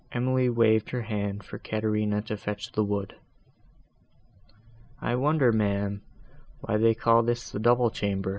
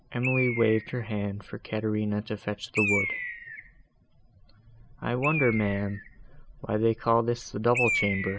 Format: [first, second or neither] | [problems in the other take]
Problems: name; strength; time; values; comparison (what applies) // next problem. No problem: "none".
first | background sound (Bird); 6 dB below the speech